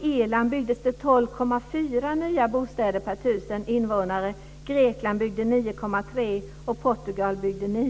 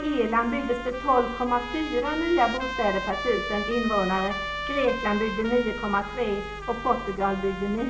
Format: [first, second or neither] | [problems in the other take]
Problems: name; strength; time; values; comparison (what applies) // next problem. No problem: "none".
first | background sound (Trumpet); 8 dB below the speech // room echo; dies away in 0.8 s